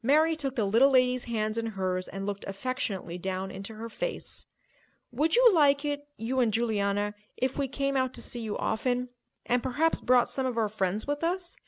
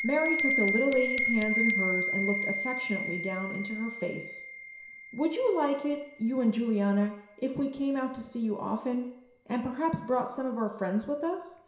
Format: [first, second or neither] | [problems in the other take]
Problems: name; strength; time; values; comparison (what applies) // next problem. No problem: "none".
first | background sound (Bell); 5 dB below the speech // room echo; dies away in 0.7 s